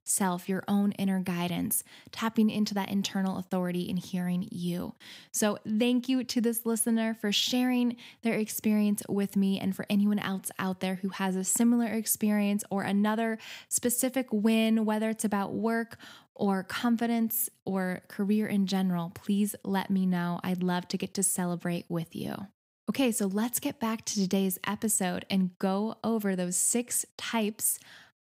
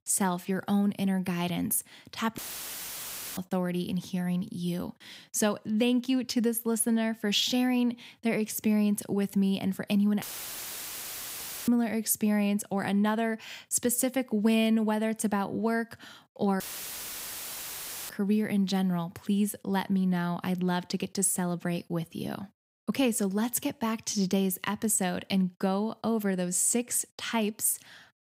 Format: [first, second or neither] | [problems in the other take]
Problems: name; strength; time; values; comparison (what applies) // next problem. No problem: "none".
first | audio cutting out; filled with static; at 2.5 s for 1 s, at 10 s for 1.5 s and at 17 s for 1.5 s